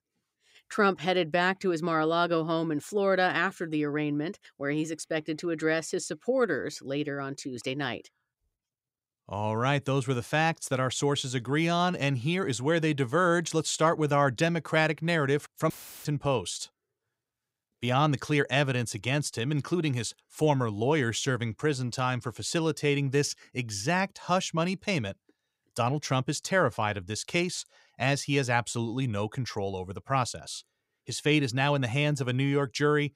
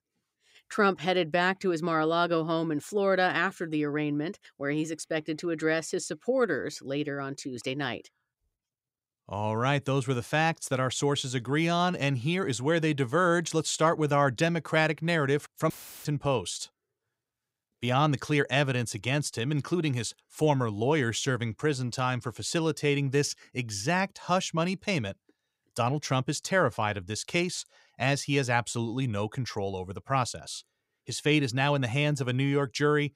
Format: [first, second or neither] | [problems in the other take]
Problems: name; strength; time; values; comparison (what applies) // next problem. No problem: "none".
neither | audio cutting out; filled with static; at 16 s; the same in both